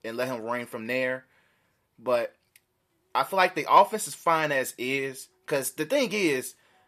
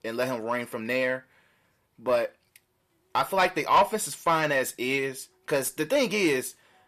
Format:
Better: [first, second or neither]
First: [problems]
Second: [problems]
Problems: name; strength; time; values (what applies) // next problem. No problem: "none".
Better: first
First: none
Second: distortion; slight; 10 dB below the speech